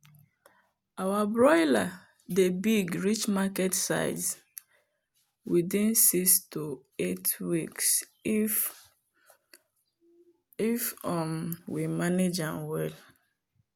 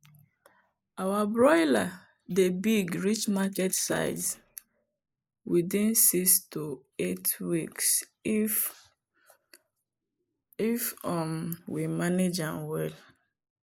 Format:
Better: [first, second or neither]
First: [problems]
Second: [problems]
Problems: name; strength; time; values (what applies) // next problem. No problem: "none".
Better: first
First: none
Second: noise reduction (neural mask model Resemble Enhance denoiser)